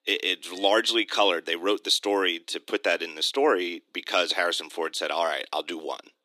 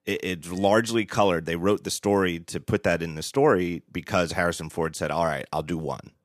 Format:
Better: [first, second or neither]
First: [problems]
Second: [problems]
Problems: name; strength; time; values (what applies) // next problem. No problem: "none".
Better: second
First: thin; somewhat; fading below 300 Hz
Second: none